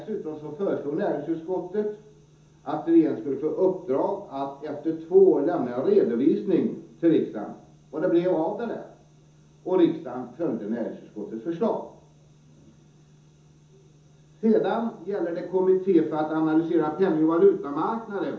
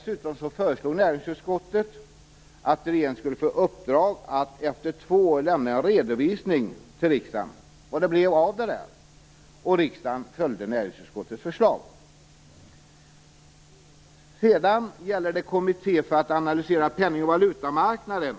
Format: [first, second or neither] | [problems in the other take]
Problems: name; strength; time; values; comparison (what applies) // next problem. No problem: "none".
second | room echo; dies away in 0.6 s